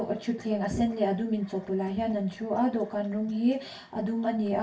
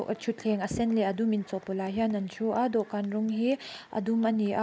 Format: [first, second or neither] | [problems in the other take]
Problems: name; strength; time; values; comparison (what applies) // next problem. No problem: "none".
second | room echo; dies away in 0.3 s